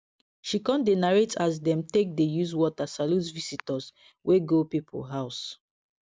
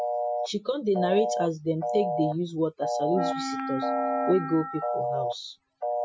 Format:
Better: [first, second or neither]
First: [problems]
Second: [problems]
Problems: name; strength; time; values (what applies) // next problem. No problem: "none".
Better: first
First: none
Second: noise reduction (classical method Wiener filter)